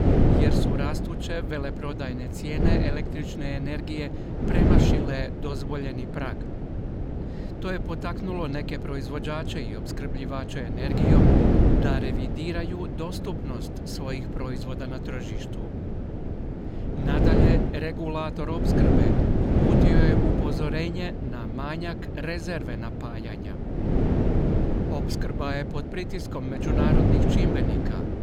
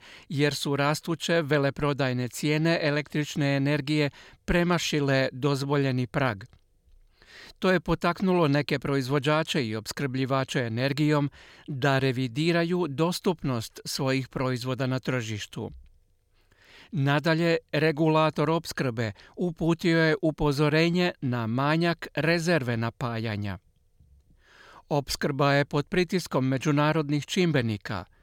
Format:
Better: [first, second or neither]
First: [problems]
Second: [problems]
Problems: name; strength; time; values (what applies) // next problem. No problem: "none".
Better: second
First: wind noise on the microphone; heavy; 2 dB above the speech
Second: none